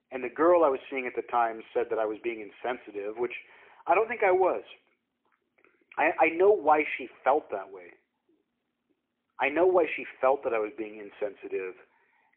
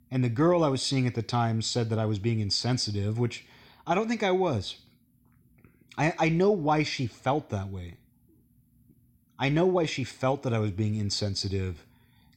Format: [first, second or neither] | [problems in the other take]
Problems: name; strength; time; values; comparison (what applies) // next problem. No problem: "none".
second | phone-call audio; poor line